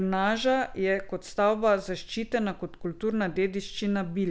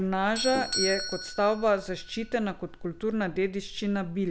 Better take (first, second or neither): first